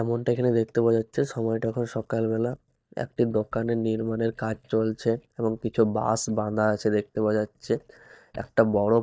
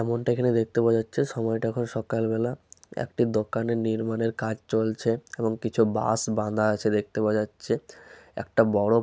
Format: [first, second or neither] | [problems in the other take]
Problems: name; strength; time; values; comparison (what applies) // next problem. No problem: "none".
second | noise reduction (neural mask model DeepFilterNet 3)